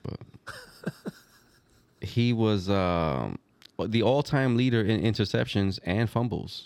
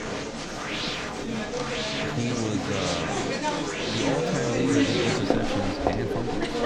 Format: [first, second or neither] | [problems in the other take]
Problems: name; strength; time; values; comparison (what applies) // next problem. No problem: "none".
first | crowd noise; very loud; throughout; 5 dB above the speech